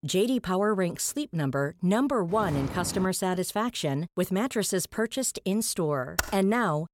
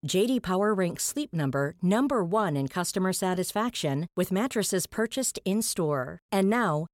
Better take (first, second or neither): second